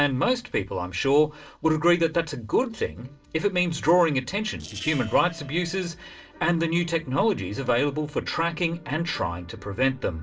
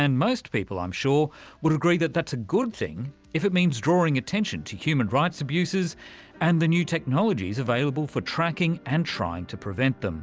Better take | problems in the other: second | noise reduction (neural separator model SepFormer DNS4)

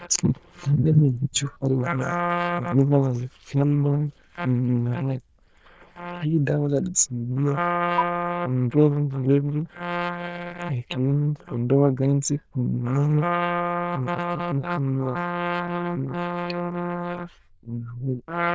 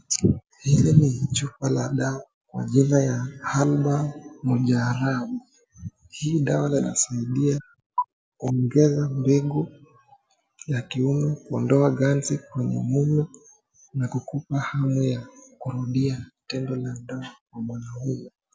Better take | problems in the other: second | noise reduction (neural diffusion model UNIVERSE++)

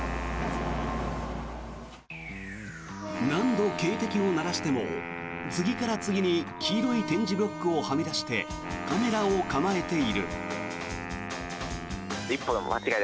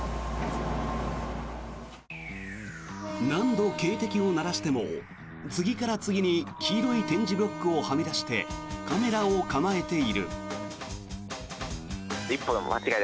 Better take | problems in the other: second | background sound (Wind instrument, woodwind instrument); 10 dB below the speech

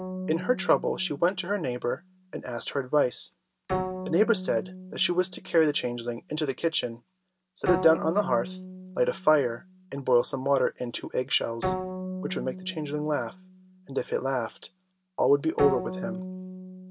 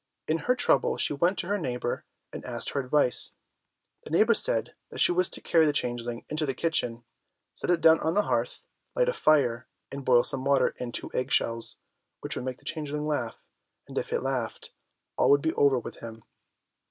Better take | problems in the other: second | background sound (Bowed string instrument); 9 dB below the speech

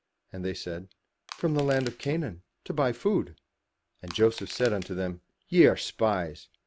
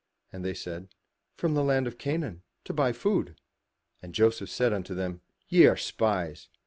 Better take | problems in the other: second | background sound (Crushing); 18 dB below the speech

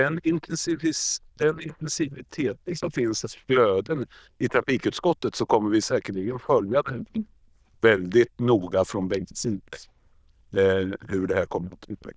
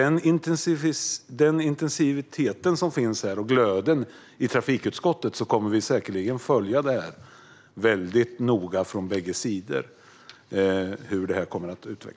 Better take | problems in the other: second | noise reduction (neural diffusion model UNIVERSE++)

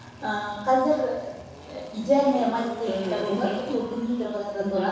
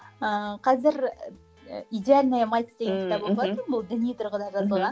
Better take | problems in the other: second | background sound (Engine); 17 dB below the speech // room echo; dies away in 1.1 s

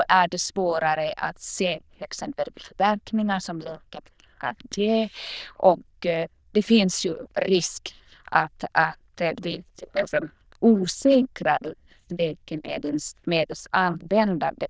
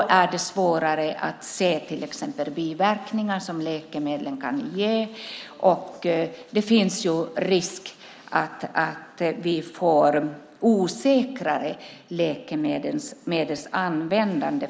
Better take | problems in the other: second | noise reduction (neural diffusion model UNIVERSE++)

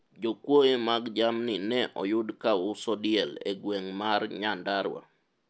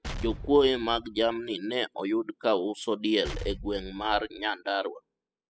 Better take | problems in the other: first | noise reduction (classical method spectral subtraction)

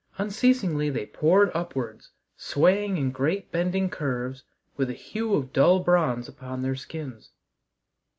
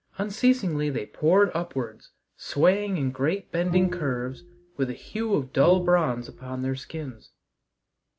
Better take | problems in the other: first | background sound (Bowed string instrument); 8 dB below the speech

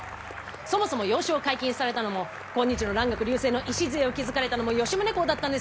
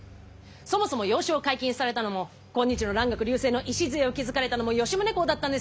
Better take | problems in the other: second | background sound (Applause / Cheering); 12 dB below the speech

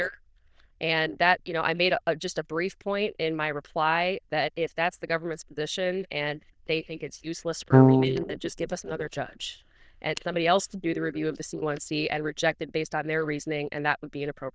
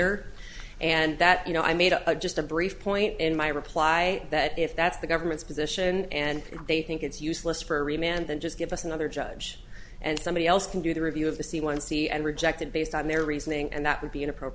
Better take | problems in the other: second | noise reduction (neural diffusion model UNIVERSE++)

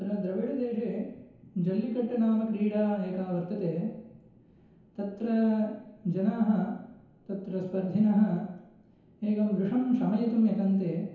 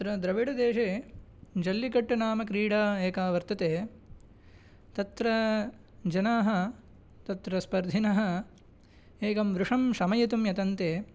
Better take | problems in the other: second | room echo; dies away in 1 s

